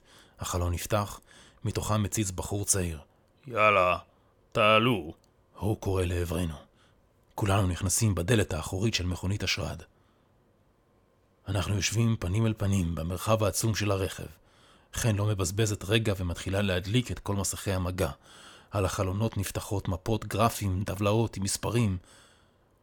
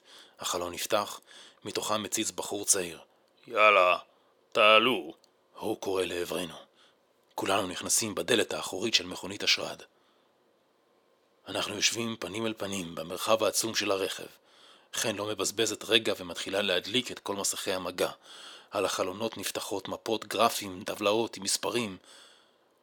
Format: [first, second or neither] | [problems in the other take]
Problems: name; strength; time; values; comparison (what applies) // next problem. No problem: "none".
first | thin; somewhat; fading below 350 Hz